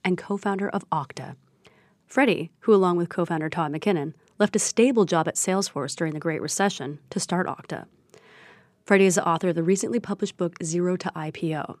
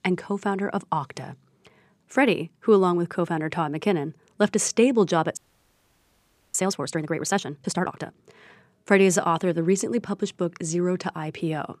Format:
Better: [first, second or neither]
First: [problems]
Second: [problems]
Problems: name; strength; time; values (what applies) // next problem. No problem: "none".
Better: first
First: none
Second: audio freezing; at 5.5 s for 1 s